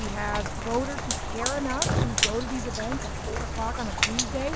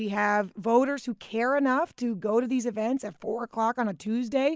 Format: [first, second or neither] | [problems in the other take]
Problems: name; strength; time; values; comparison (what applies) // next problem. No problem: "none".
second | background sound (Rain + Hiss / Fire); 3 dB above the speech